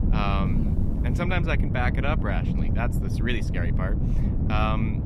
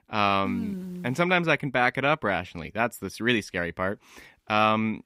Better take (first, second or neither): second